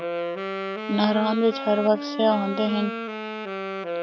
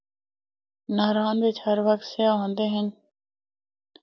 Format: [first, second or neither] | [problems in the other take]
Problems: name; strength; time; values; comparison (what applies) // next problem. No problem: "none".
second | background sound (Wind instrument, woodwind instrument); 6 dB below the speech